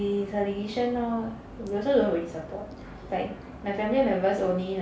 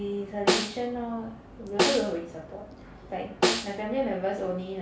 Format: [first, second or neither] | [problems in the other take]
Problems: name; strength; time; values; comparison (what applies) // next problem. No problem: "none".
first | background sound (Snare drum); 1 dB above the speech